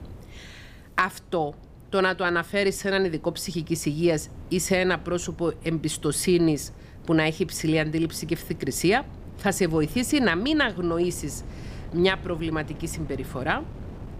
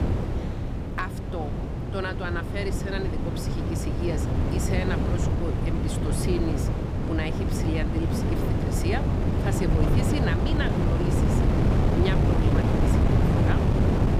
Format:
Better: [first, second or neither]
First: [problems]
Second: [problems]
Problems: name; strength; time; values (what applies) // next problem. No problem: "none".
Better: first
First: wind noise on the microphone; occasional gusts; 25 dB below the speech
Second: wind noise on the microphone; heavy; 2 dB above the speech